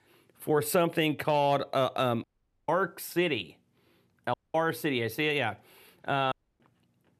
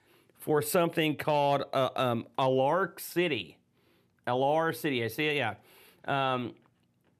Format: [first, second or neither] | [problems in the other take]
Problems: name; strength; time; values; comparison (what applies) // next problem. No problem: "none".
second | audio cutting out; at 2 s, at 4.5 s and at 6.5 s